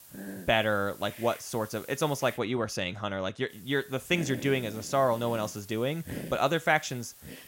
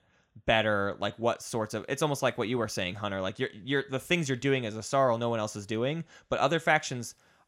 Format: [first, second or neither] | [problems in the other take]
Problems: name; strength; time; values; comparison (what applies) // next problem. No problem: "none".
second | hiss; noticeable; until 2.5 s and from 3.5 s on; 15 dB below the speech